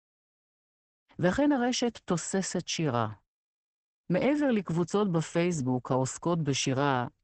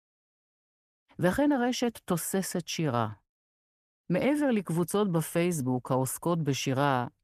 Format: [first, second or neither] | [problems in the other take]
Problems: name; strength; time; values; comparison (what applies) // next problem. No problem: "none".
second | garbled, watery; badly; nothing above 8 kHz; slightly in the second